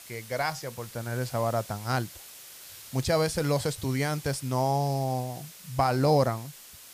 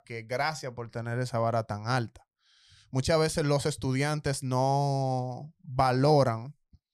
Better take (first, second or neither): second